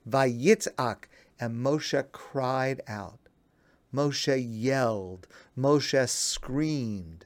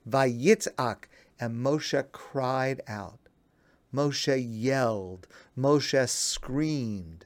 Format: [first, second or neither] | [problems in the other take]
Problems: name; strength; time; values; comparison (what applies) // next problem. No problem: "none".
neither | none